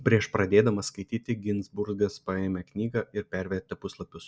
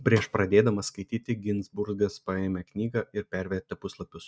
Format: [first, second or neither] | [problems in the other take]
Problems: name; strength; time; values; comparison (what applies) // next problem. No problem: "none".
first | noise reduction (neural mask model RNNoise)